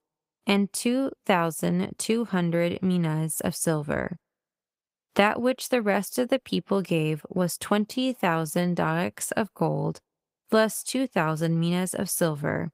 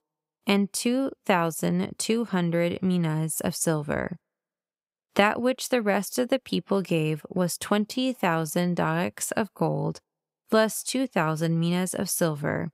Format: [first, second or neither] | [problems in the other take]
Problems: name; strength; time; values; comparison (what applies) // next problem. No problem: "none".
second | garbled, watery; slightly; nothing above 15.5 kHz